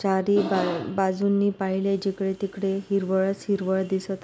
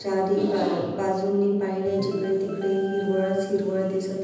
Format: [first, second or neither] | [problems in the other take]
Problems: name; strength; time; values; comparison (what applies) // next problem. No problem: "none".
first | background sound (Organ); 14 dB below the speech // room echo; dies away in 1.1 s